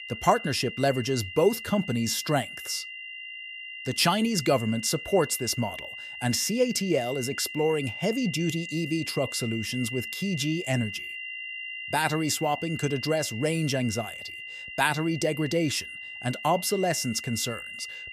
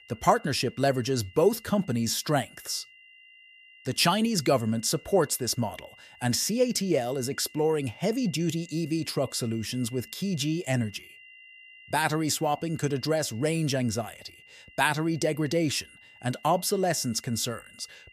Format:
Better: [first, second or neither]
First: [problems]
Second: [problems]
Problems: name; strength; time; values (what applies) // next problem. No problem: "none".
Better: second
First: high-pitched whine; loud; throughout; 3 kHz, 9 dB below the speech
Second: high-pitched whine; faint; throughout; 3 kHz, 25 dB below the speech